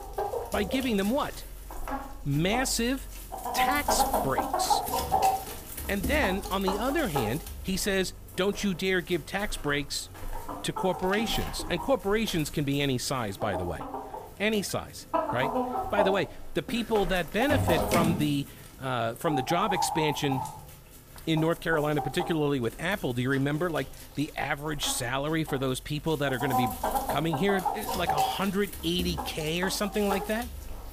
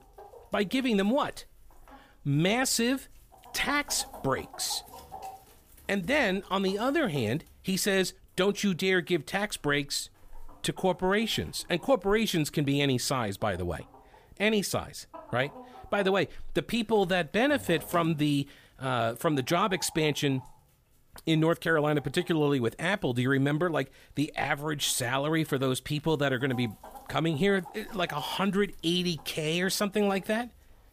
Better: second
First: animal sounds; loud; throughout; 3 dB below the speech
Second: animal sounds; faint; throughout; 20 dB below the speech

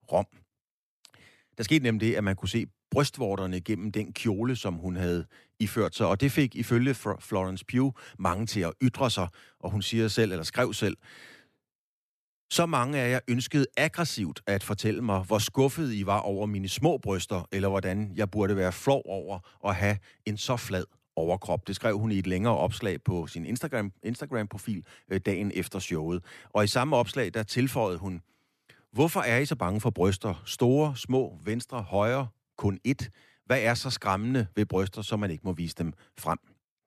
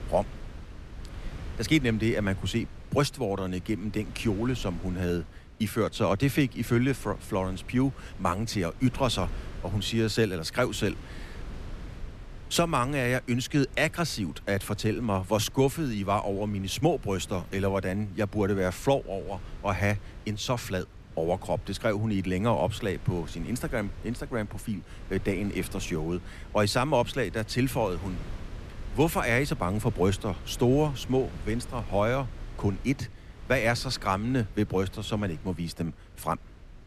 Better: first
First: none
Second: wind noise on the microphone; occasional gusts; 20 dB below the speech

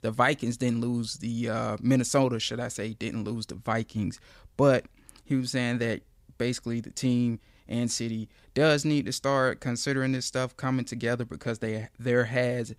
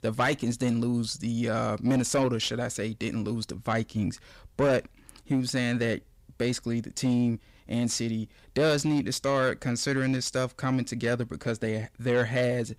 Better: first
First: none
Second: distortion; slight; 10 dB below the speech

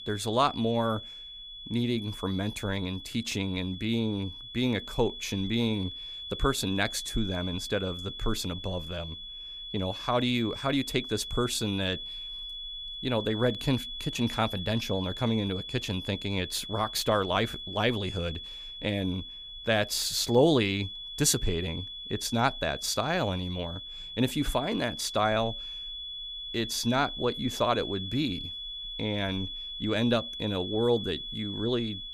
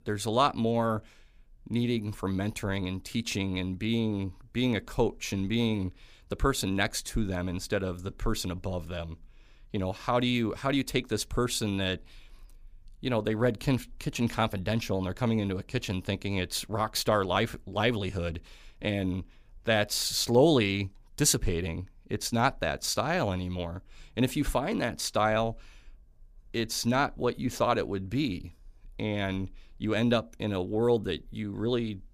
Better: second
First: high-pitched whine; loud; throughout; 3.5 kHz, 8 dB below the speech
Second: none

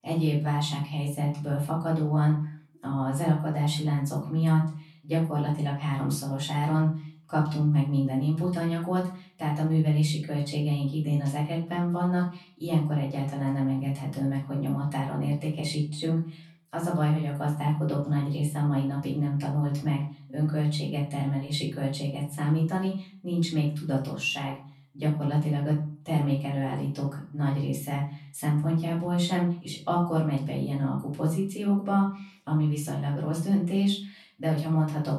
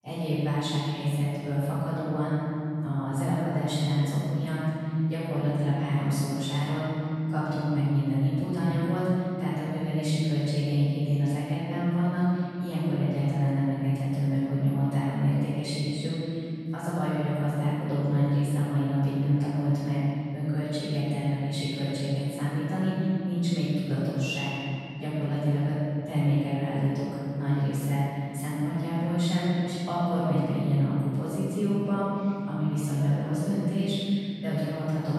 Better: first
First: room echo; slight; dies away in 0.4 s // off-mic speech; far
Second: room echo; strong; dies away in 2.9 s // off-mic speech; far

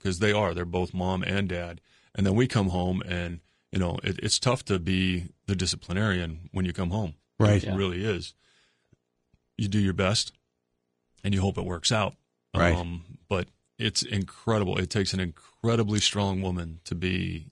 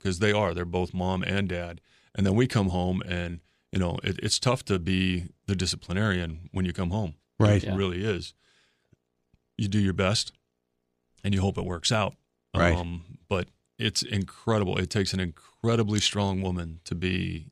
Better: second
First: garbled, watery; slightly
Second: none

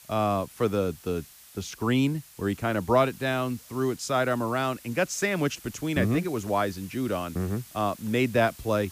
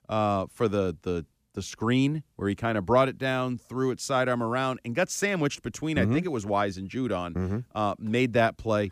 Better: second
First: hiss; noticeable; throughout; 20 dB below the speech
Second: none

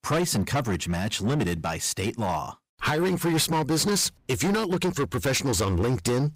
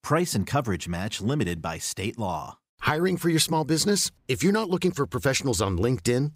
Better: second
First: distortion; heavy; 18% of the sound clipped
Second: none

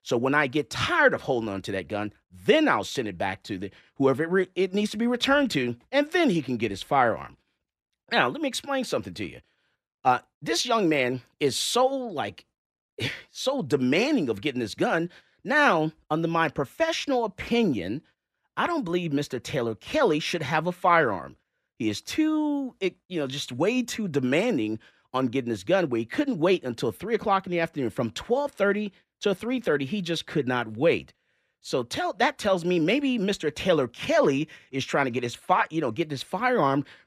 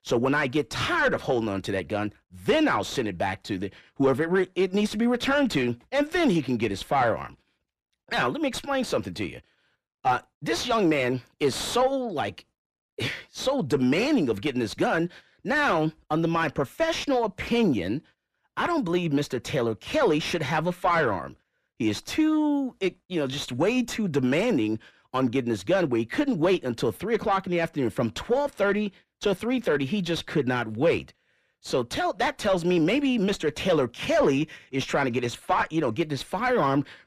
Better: first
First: none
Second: distortion; slight; 10 dB below the speech

